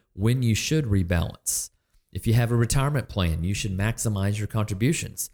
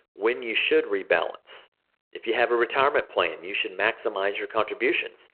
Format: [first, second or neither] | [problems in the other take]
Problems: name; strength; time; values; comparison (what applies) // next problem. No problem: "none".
first | phone-call audio